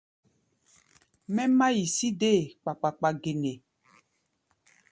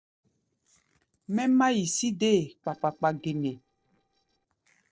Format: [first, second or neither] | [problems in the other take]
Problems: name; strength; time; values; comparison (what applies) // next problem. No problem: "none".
first | noise reduction (neural separator model SepFormer DNS4)